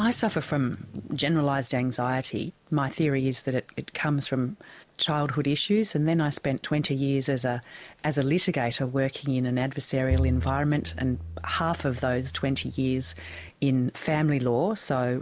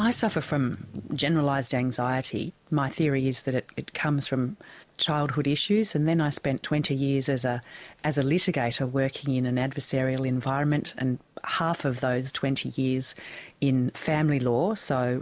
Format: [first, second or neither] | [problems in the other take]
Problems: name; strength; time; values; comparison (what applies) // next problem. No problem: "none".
second | background sound (Bowed string instrument); 6 dB below the speech